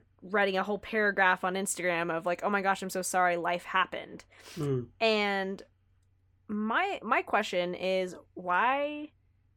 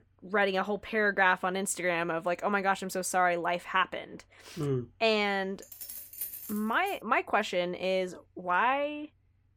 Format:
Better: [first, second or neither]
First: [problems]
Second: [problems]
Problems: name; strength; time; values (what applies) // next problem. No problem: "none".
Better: first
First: none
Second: jangling keys; noticeable; from 5.5 to 7 s; peak 8 dB below the speech